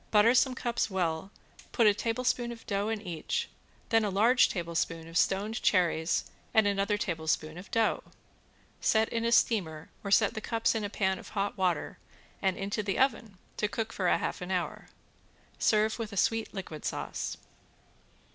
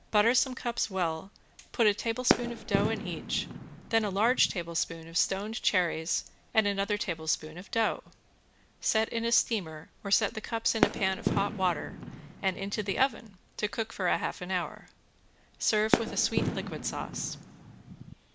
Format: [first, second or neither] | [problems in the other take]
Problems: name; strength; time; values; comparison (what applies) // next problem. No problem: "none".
first | background sound (Fireworks); 2 dB below the speech